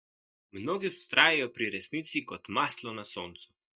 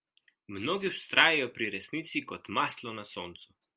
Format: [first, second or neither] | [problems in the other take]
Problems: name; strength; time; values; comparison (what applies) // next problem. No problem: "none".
second | noise reduction (neural mask model DeepFilterNet 3)